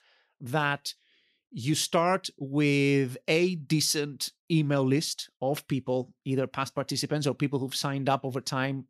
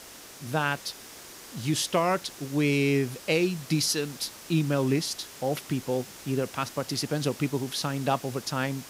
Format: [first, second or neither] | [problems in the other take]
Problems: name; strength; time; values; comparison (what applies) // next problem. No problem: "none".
first | hiss; noticeable; throughout; 15 dB below the speech